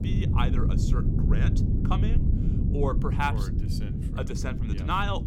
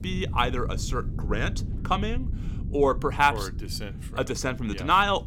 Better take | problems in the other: second | low rumble; loud; throughout; 6 dB below the speech; faint in the second

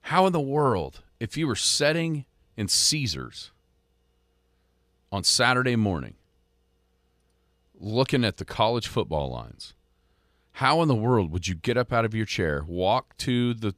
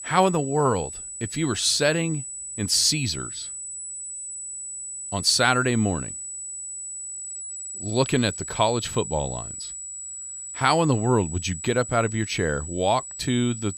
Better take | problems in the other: first | high-pitched whine; loud; throughout; 8 kHz, 9 dB below the speech

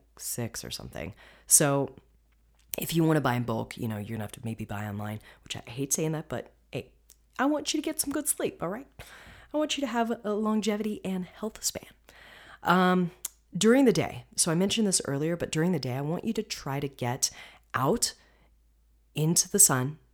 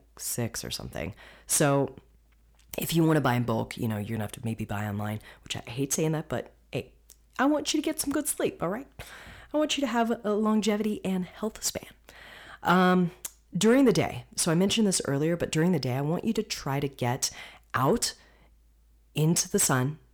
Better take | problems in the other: first | distortion; slight; 10 dB below the speech

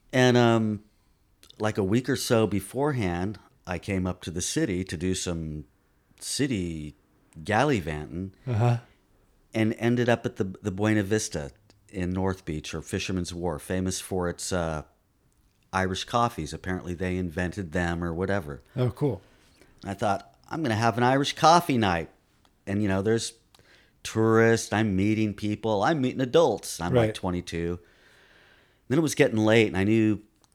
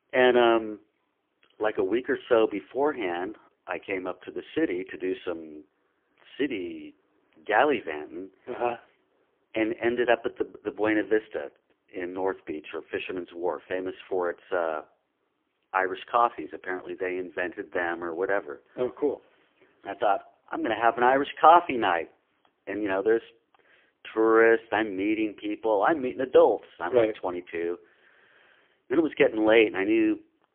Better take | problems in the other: first | phone-call audio; poor line; nothing above 3 kHz

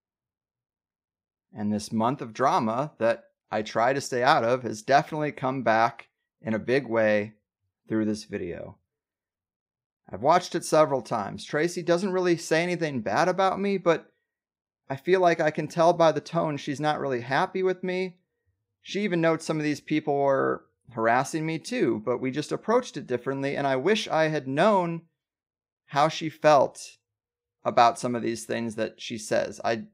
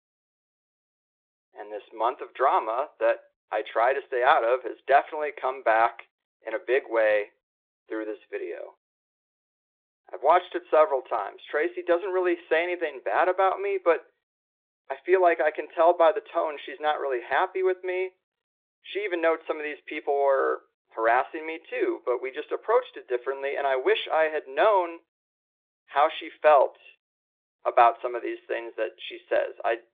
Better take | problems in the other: first | phone-call audio

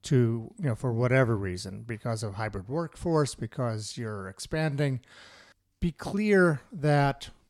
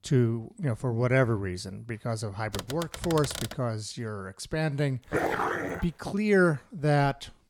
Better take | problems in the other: first | keyboard typing; noticeable; from 2.5 to 3.5 s; peak 7 dB below the speech // dog barking; loud; at 5 s; peak 1 dB above the speech

